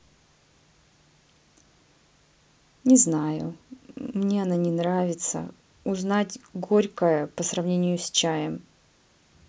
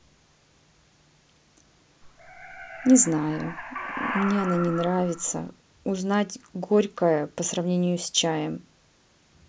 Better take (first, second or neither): first